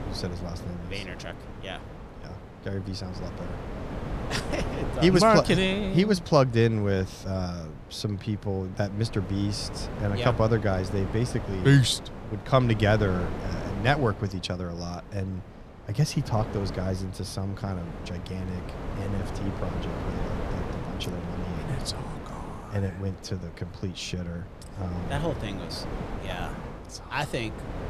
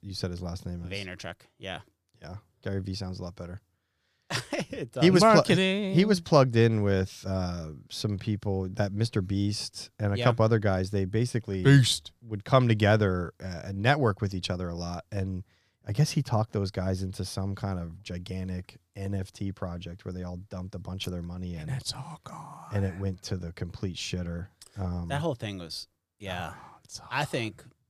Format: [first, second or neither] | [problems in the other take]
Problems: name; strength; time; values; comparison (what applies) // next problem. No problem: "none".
second | wind noise on the microphone; occasional gusts; 10 dB below the speech